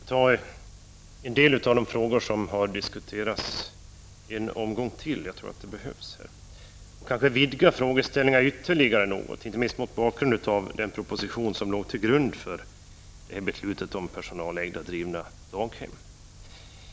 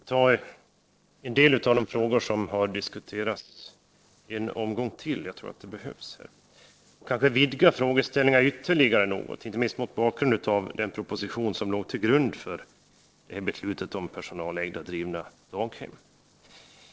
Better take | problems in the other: first | noise reduction (neural separator model SepFormer DNS4)

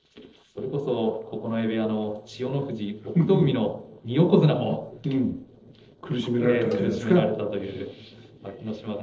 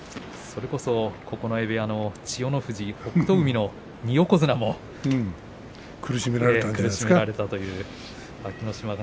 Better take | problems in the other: second | noise reduction (neural separator model SepFormer DNS4)

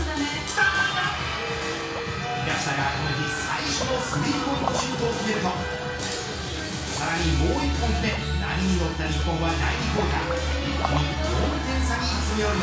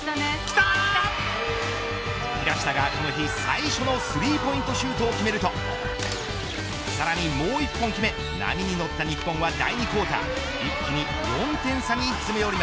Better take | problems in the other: second | background sound (Liquid); 15 dB below the speech // room echo; dies away in 0.6 s

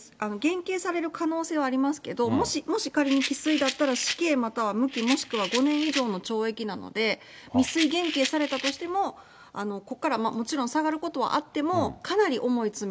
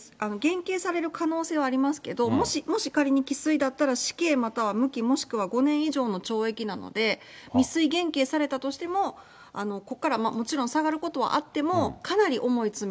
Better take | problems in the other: second | background sound (Rattle); 8 dB below the speech

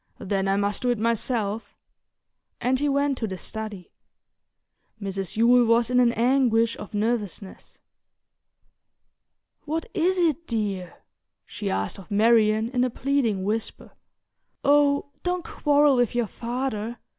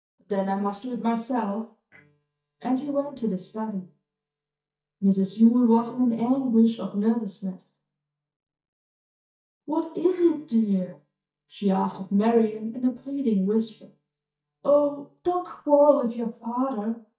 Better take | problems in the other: first | noise reduction (neural mask model DeepFilterNet 3)

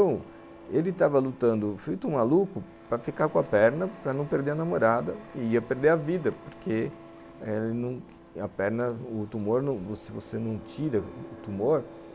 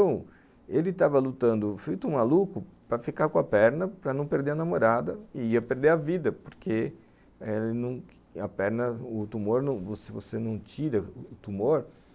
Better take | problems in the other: second | background sound (Printer); 20 dB below the speech

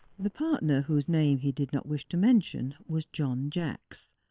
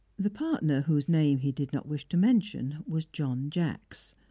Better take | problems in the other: second | noise reduction (neural separator model SepFormer WHAM!)

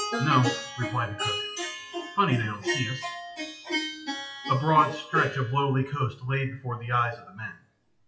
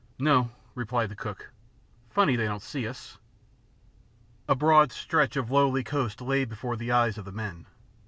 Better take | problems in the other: second | noise reduction (classical method WPE with log-MMSE)

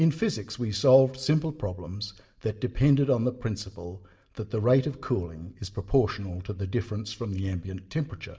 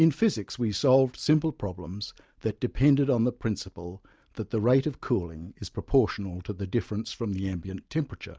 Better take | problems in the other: second | room echo; dies away in 0.6 s

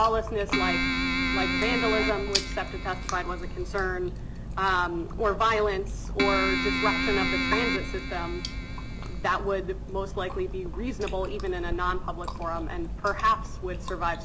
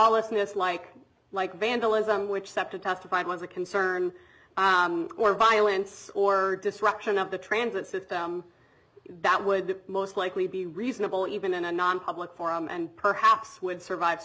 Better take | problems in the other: second | background sound (Keyboard (musical) + Chewing, mastication); 1 dB below the speech

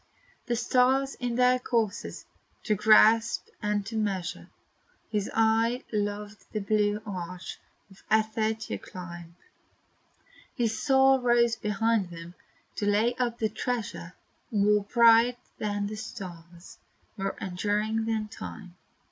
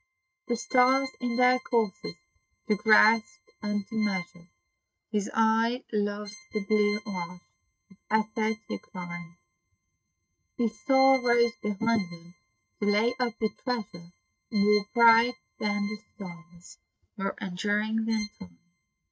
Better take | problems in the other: first | noise reduction (neural mask model RNNoise)

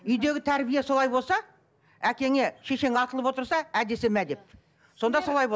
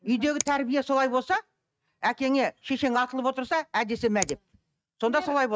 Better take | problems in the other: first | noise reduction (neural mask model RNNoise)

